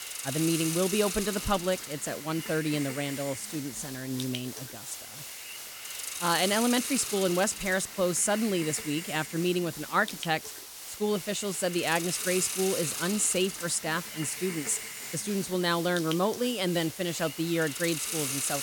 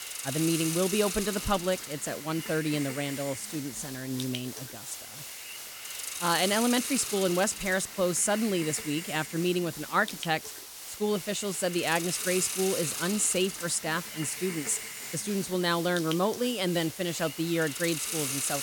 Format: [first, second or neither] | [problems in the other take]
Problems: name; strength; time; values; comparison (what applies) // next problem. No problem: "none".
neither | hiss; loud; throughout; 6 dB below the speech; the same in both